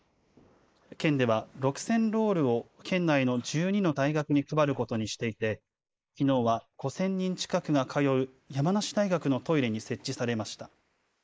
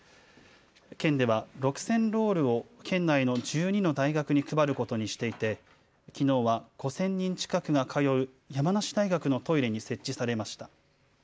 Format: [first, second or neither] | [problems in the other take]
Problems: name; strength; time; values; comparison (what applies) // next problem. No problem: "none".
second | noise reduction (neural mask model Resemble Enhance denoiser)